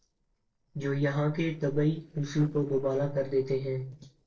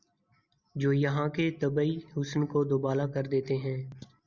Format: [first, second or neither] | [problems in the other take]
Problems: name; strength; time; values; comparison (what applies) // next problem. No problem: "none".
second | noise reduction (neural separator model SepFormer DNS4)